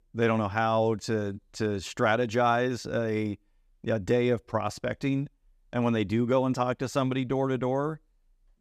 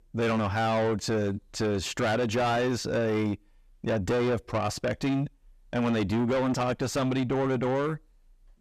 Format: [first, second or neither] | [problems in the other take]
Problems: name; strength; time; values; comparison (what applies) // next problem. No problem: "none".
first | distortion; heavy; 6 dB below the speech